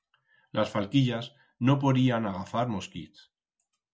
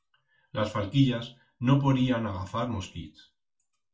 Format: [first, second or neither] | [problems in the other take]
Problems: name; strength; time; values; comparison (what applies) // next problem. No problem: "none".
first | room echo; dies away in 0.2 s